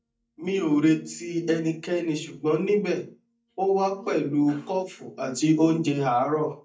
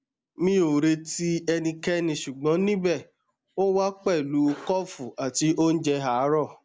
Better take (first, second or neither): second